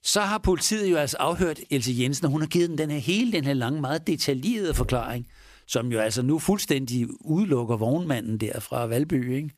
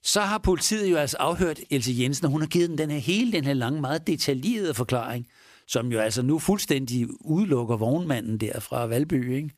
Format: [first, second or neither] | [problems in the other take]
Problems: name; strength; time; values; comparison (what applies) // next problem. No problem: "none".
second | door banging; noticeable; at 4.5 s; peak 9 dB below the speech